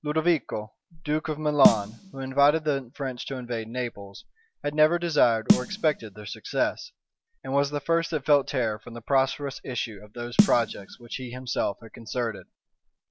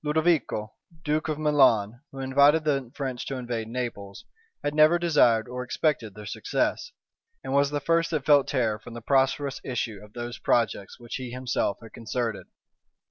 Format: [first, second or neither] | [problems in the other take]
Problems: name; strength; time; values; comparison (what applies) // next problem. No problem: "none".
second | background sound (Snare drum); 3 dB below the speech